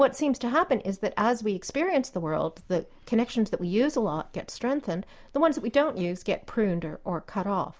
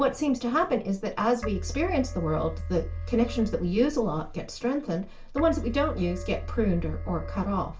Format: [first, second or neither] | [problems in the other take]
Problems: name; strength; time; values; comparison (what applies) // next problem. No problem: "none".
first | background sound (Keyboard (musical)); 9 dB below the speech // room echo; dies away in 0.2 s